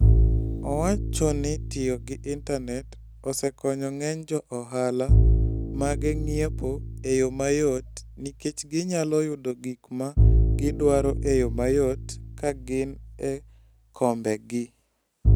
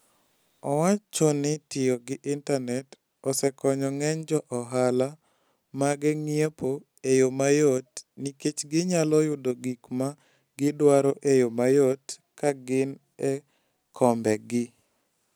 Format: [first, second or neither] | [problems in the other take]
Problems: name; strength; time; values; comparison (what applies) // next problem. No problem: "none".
second | background sound (Bowed string instrument); 2 dB above the speech